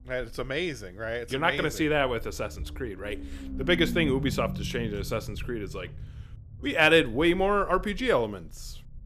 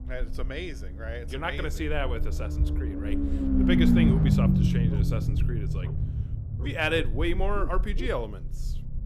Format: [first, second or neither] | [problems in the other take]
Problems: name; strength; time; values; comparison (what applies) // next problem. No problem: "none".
first | low rumble; loud; throughout; 2 dB below the speech; faint in the first